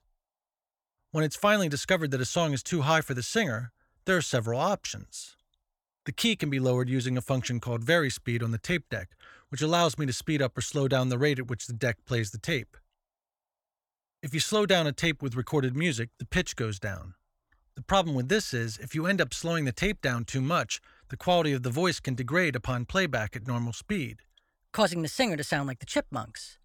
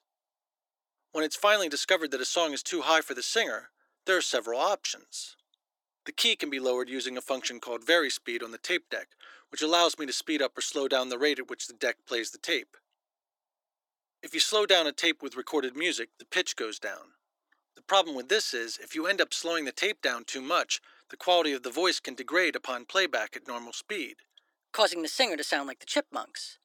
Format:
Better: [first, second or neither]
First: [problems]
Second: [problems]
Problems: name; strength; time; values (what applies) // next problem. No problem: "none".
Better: first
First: none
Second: thin; somewhat; fading below 300 Hz